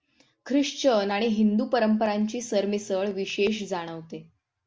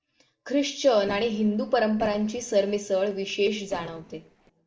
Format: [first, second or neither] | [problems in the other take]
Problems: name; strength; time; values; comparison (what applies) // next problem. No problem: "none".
first | noise reduction (neural separator model SepFormer DNS4)